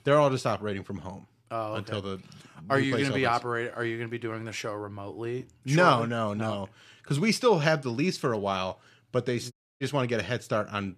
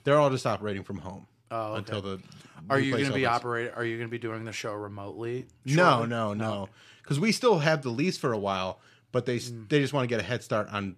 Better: second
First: audio cutting out; at 9.5 s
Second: none

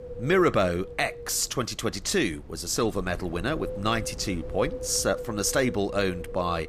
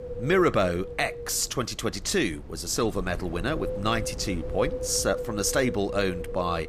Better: first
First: wind noise on the microphone; occasional gusts; 10 dB below the speech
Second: wind noise on the microphone; heavy; 9 dB below the speech

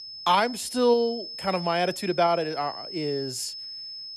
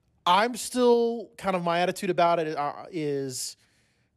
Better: second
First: high-pitched whine; noticeable; throughout; 5 kHz, 10 dB below the speech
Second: none

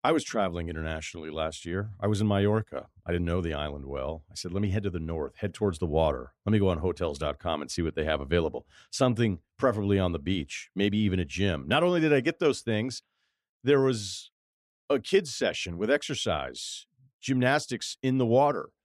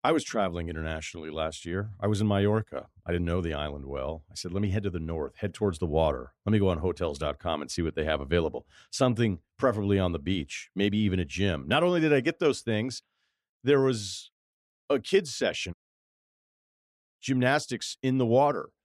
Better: first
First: none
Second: audio cutting out; at 16 s for 1.5 s

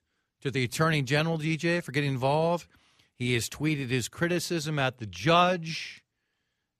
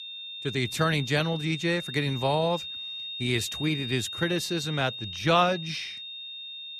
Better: first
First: none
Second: high-pitched whine; loud; throughout; 3.5 kHz, 7 dB below the speech

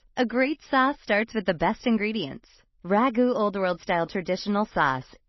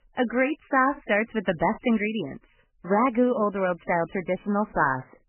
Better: first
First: garbled, watery; slightly; nothing above 5.5 kHz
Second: garbled, watery; badly; nothing above 3 kHz

